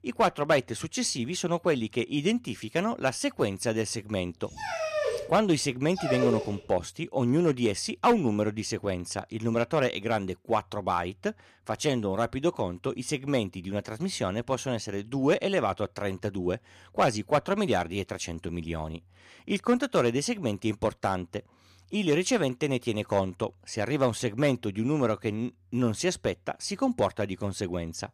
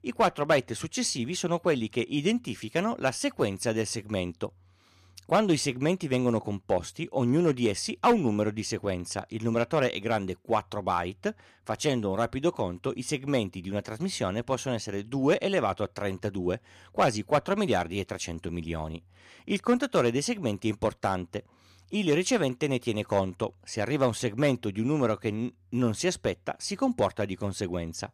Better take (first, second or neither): second